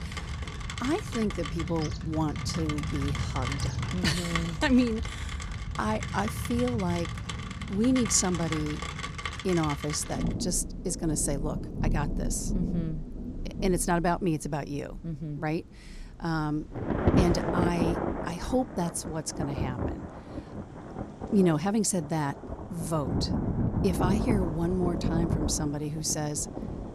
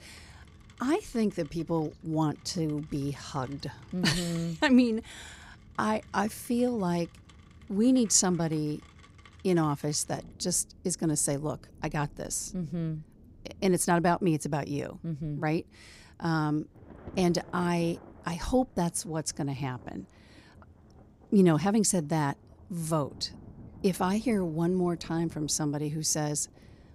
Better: second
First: rain or running water; loud; throughout; 3 dB below the speech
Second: rain or running water; faint; throughout; 25 dB below the speech

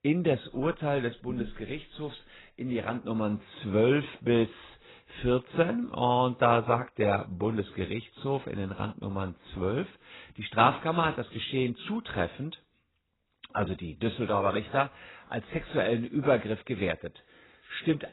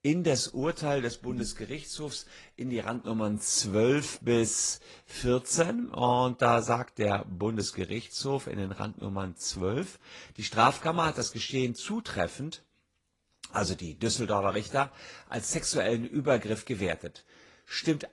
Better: second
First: garbled, watery; badly; nothing above 4 kHz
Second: garbled, watery; slightly; nothing above 10 kHz

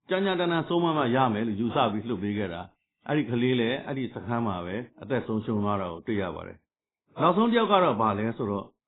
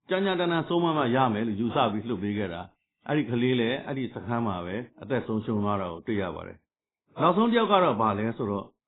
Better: neither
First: garbled, watery; badly; nothing above 4 kHz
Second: garbled, watery; badly; nothing above 4 kHz

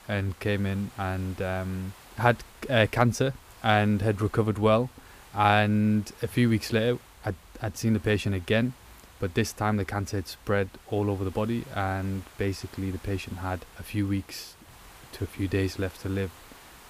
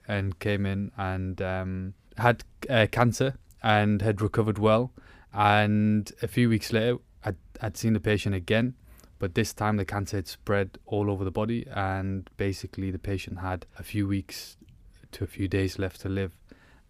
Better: second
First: hiss; faint; throughout; 25 dB below the speech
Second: none

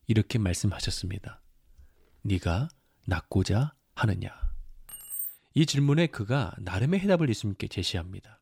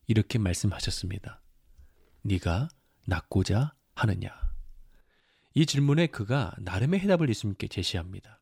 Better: second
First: jangling keys; noticeable; at 5 s; peak 5 dB below the speech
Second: none

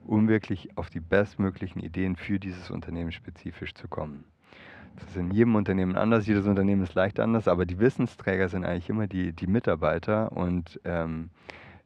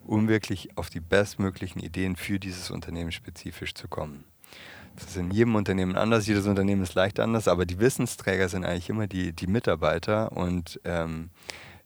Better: second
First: muffled; slightly; fading above 2.5 kHz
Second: none

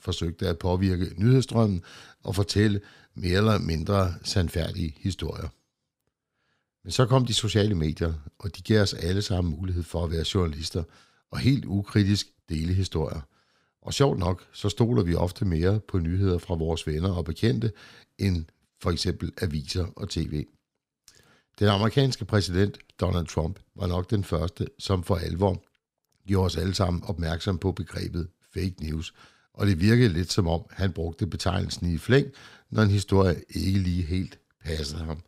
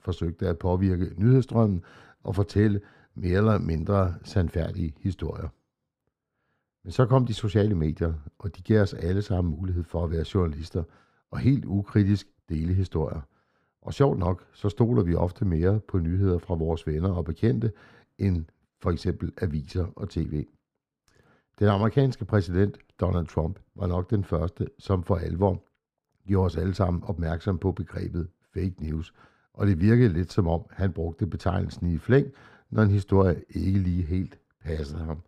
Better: first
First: none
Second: muffled; slightly; fading above 2.5 kHz

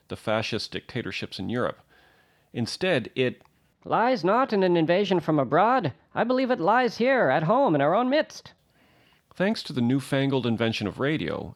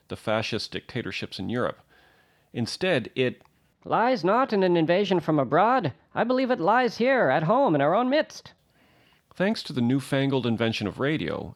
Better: neither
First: none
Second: none

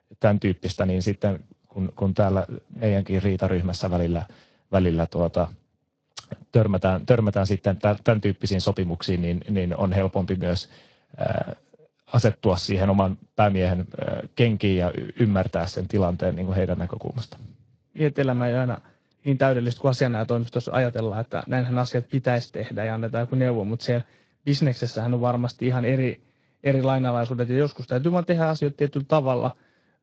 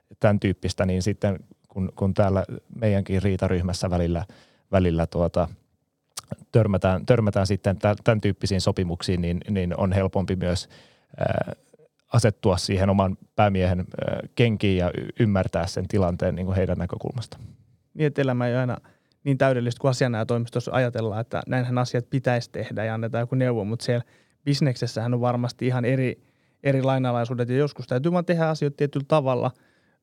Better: second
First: garbled, watery; slightly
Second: none

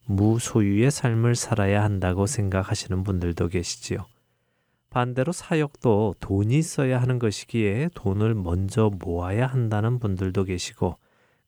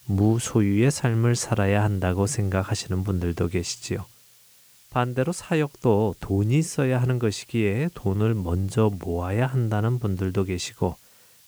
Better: first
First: none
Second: hiss; faint; throughout; 25 dB below the speech

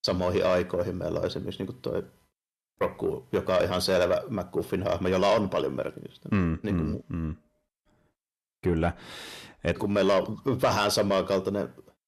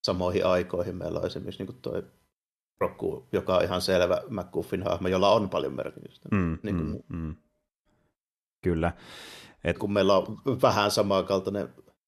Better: second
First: distortion; slight; 10 dB below the speech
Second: none

